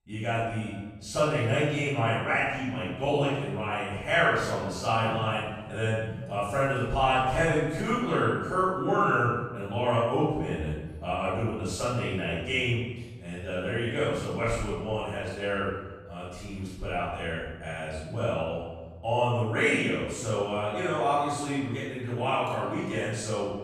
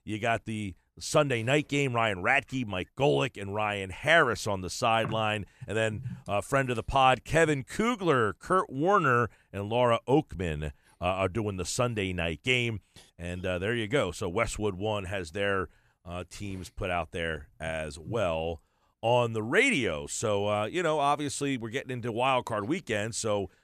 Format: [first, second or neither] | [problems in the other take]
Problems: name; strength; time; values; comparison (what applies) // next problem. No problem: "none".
second | off-mic speech; far // room echo; strong; dies away in 1.1 s